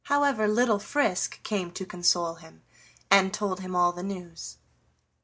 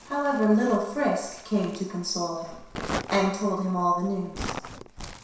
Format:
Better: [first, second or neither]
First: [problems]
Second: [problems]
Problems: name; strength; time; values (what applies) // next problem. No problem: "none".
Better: first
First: none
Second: background sound (Crumpling, crinkling); 12 dB below the speech // room echo; dies away in 0.7 s